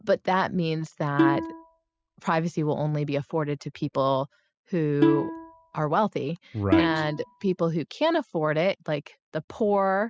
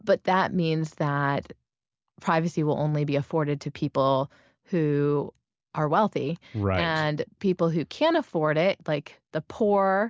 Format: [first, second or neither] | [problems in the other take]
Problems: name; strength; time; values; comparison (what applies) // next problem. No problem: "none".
second | noise reduction (classical method spectral subtraction)